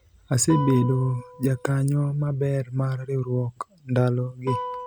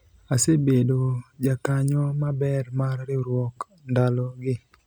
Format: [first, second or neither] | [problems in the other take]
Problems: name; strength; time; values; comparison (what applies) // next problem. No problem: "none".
second | background sound (Guitar); 13 dB below the speech